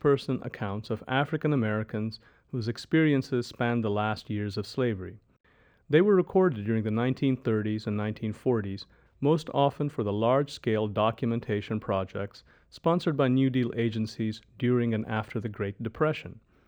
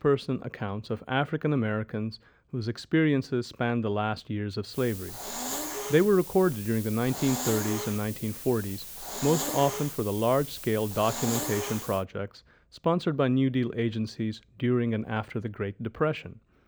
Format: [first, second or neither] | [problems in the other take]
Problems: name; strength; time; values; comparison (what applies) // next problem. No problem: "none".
first | hiss; loud; from 4.5 to 12 s; 6 dB below the speech